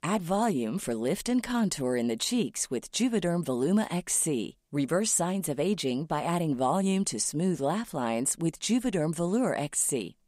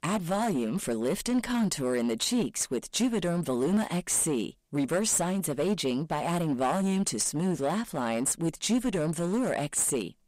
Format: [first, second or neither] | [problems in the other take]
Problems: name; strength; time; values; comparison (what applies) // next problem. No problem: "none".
first | distortion; slight; 9% of the sound clipped